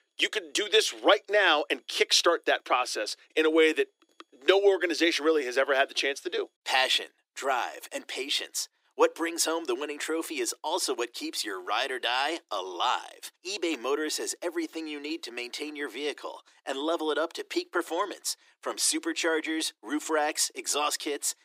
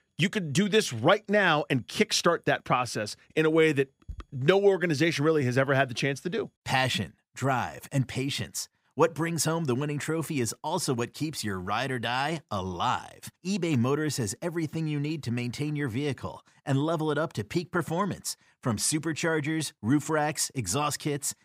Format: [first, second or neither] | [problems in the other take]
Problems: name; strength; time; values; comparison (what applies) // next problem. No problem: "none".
second | thin; very; fading below 300 Hz